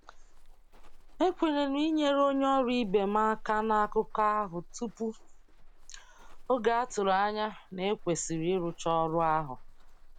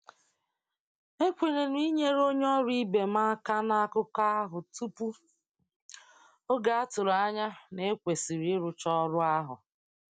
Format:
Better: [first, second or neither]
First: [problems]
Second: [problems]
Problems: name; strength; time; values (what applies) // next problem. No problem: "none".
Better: second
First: background sound (Walk, footsteps); 16 dB below the speech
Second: none